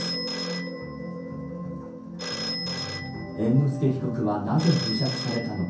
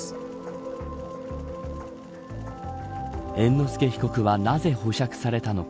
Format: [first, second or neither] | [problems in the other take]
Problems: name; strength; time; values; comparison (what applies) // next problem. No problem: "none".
second | background sound (Telephone); 8 dB below the speech // room echo; dies away in 0.6 s